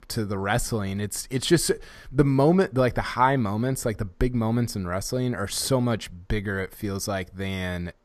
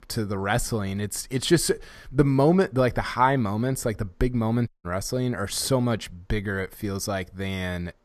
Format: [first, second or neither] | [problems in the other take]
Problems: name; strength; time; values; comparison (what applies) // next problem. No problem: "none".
first | audio cutting out; at 4.5 s